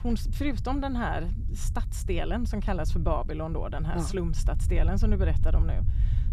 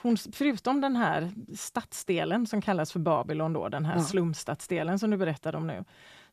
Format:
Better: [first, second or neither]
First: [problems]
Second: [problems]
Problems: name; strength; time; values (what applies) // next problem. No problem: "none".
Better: second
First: low rumble; noticeable; throughout; 15 dB below the speech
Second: none